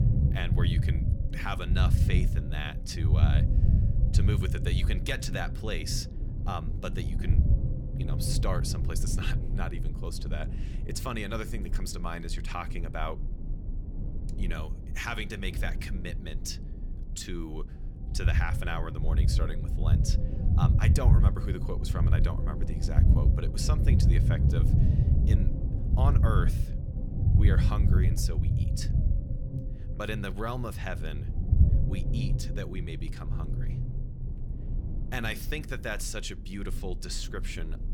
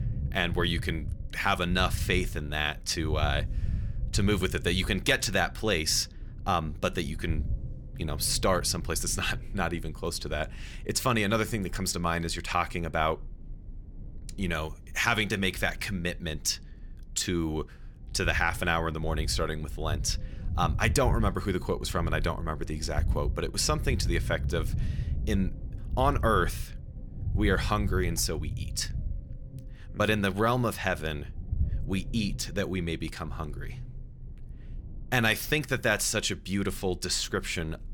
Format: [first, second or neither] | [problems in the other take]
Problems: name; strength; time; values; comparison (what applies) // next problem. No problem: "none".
second | low rumble; loud; throughout; 5 dB below the speech; faint in the second